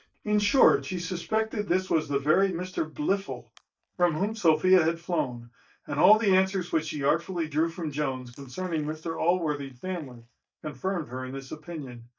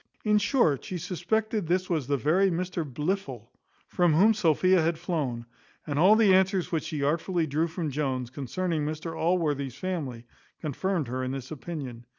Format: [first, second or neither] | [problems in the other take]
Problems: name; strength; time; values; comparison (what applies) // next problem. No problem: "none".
second | noise reduction (neural mask model DeepFilterNet 3)